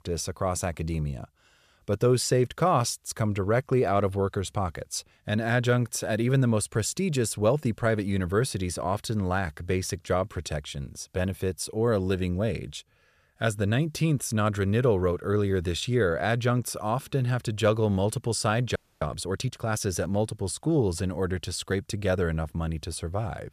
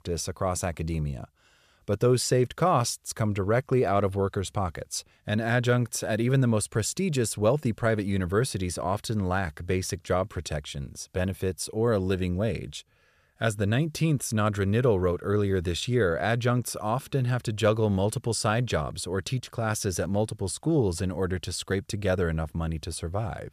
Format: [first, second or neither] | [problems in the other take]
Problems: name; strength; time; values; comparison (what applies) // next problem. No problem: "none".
second | audio freezing; at 19 s